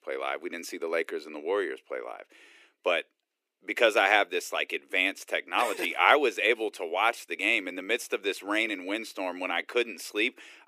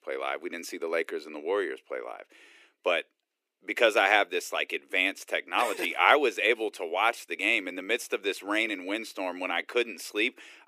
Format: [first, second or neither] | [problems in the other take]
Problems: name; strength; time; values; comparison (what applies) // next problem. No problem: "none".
neither | thin; very; fading below 350 Hz; the same in both